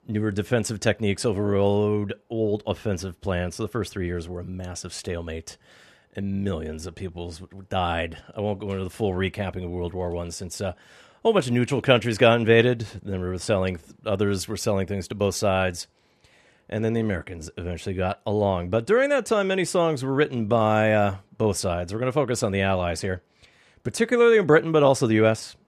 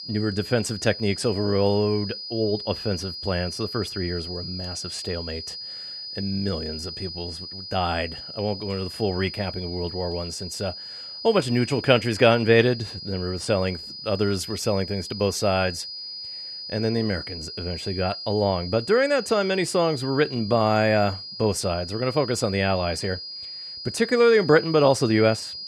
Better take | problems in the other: first | high-pitched whine; loud; throughout; 5 kHz, 9 dB below the speech

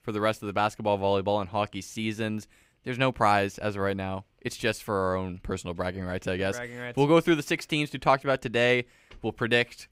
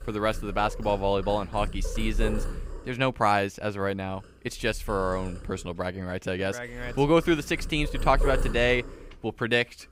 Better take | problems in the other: first | animal sounds; loud; throughout; 9 dB below the speech

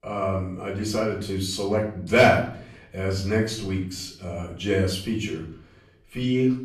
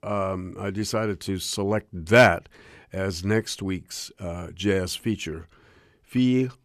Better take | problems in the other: second | room echo; slight; dies away in 0.5 s // off-mic speech; far

